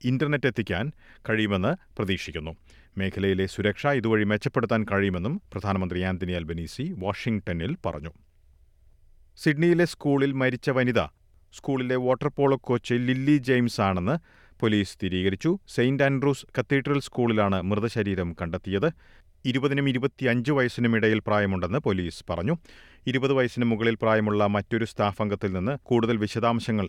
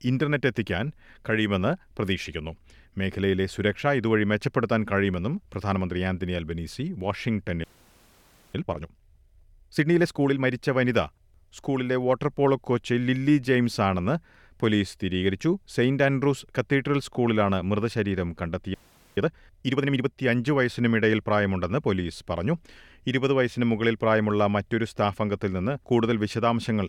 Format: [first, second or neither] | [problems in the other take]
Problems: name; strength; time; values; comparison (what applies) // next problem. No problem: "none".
first | audio freezing; at 7.5 s for 1 s and at 19 s